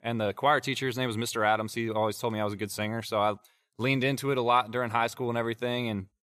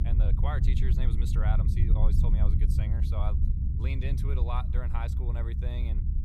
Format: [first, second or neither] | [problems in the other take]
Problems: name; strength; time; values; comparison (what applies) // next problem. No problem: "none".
first | low rumble; loud; throughout; 3 dB below the speech